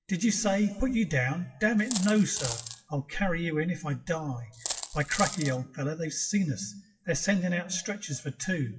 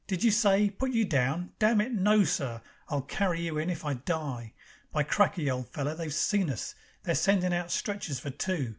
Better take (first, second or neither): second